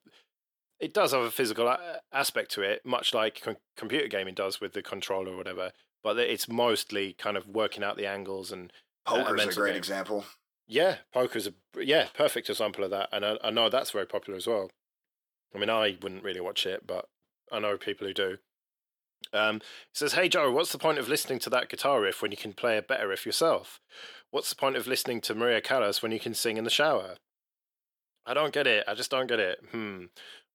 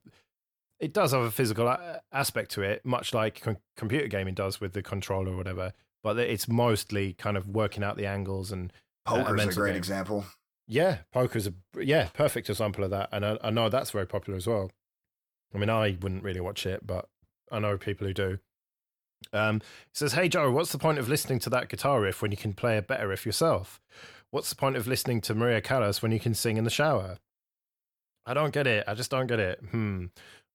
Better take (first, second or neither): second